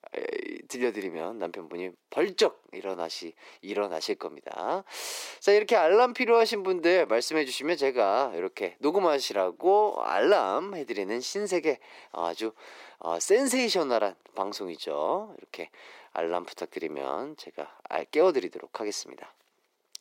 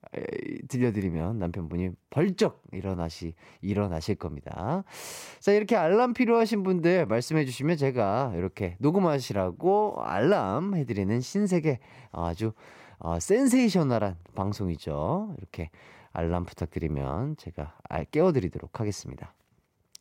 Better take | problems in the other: second | thin; somewhat; fading below 350 Hz

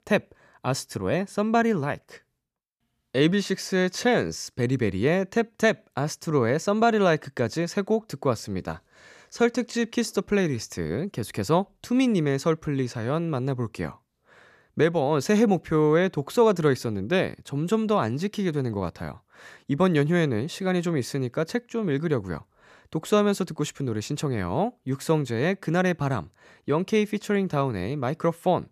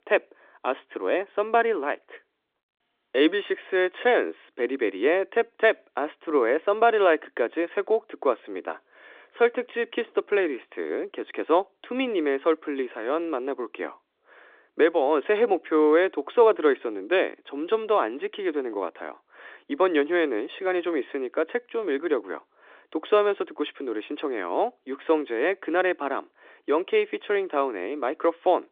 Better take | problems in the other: first | phone-call audio

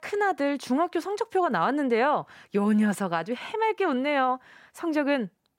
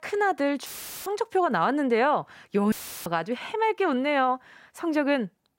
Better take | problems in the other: first | audio cutting out; filled with static; at 0.5 s and at 2.5 s

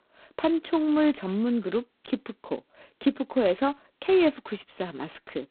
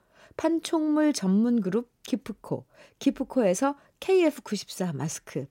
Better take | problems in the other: second | phone-call audio; poor line; nothing above 4 kHz

